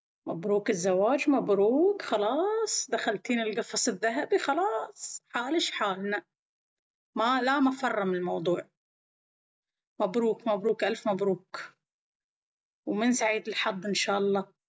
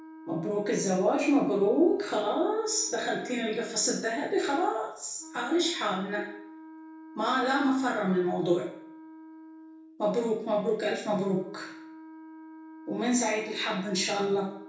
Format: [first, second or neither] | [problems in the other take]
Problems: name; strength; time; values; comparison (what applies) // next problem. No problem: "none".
first | background sound (Wind instrument, woodwind instrument); 18 dB below the speech // room echo; dies away in 0.6 s